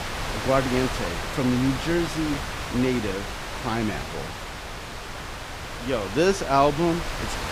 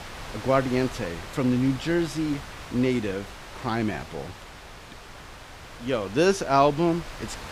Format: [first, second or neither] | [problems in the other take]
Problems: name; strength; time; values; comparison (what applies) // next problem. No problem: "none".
second | wind noise on the microphone; heavy; 5 dB below the speech; occasional gusts in the second